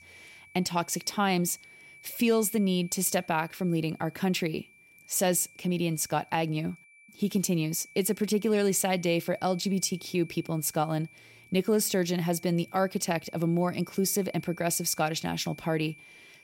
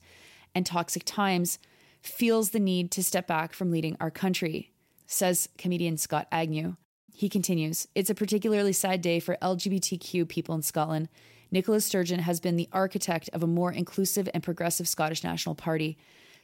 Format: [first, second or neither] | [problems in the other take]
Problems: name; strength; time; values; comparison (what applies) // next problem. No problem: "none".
second | high-pitched whine; faint; throughout; 2.5 kHz, 25 dB below the speech